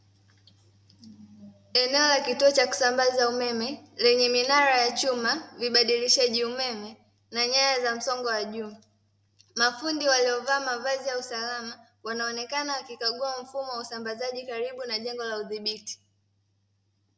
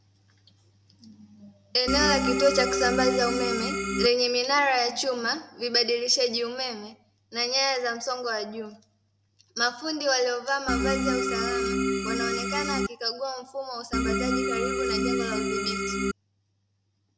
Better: first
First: none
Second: background sound (Organ); 2 dB above the speech

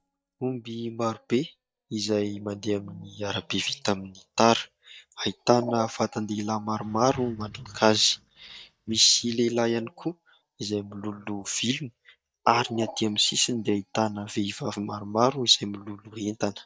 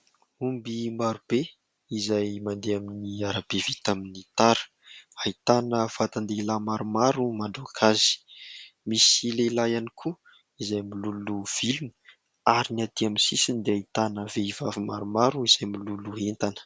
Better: second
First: noise reduction (neural mask model DeepFilterNet 3)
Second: none

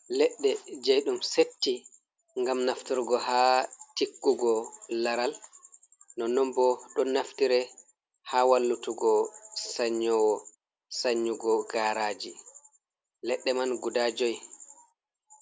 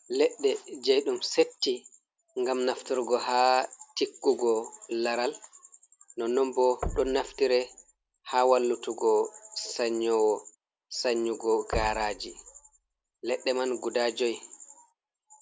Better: first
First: none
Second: background sound (Knock); 14 dB below the speech

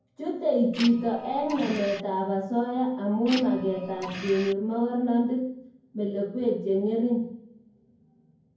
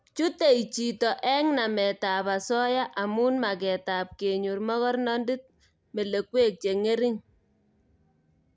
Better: second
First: background sound (Printer); 11 dB below the speech // room echo; dies away in 0.9 s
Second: none

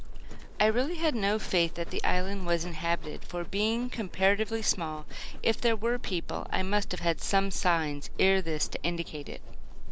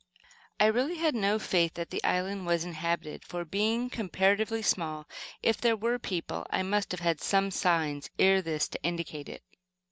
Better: second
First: background sound (Livestock, farm animals, working animals); 1 dB above the speech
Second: none

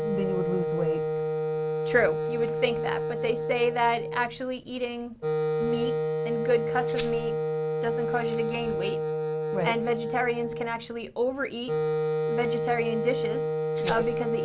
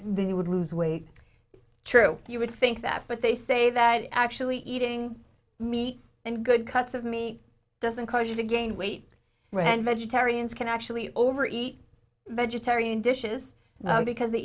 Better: second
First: background sound (Rattle (instrument) + Wind instrument, woodwind instrument); 2 dB above the speech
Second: none

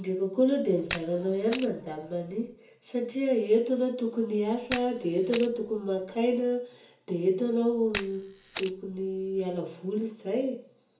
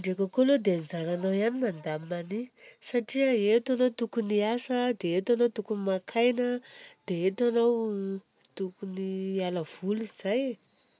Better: second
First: background sound (Camera); 14 dB below the speech // room echo; dies away in 0.6 s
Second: none

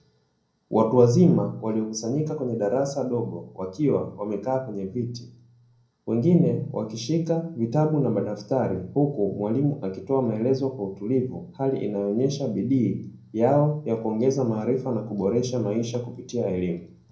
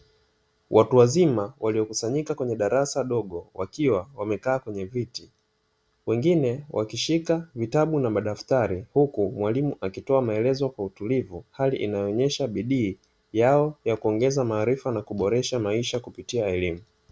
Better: second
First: room echo; dies away in 0.5 s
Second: none

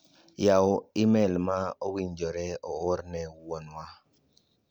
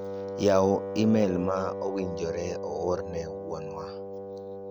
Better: first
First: none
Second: background sound (Wind instrument, woodwind instrument); 6 dB below the speech

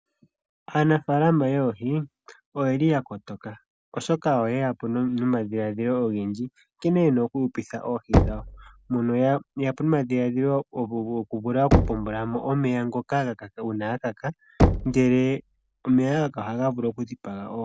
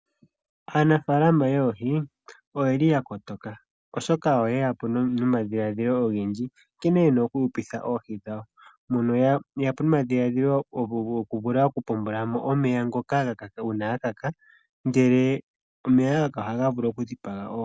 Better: second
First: background sound (Knock); 3 dB below the speech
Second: none

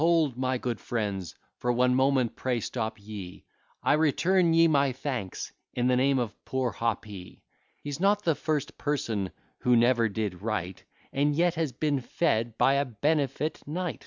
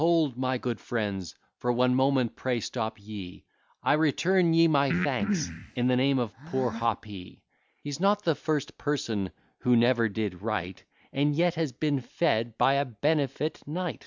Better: first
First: none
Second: background sound (Breathing); 7 dB below the speech

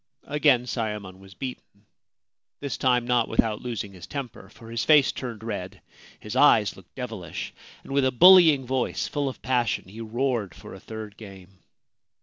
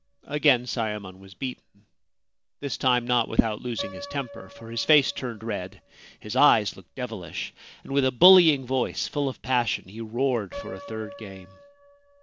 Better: first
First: none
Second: background sound (Piano); 20 dB below the speech

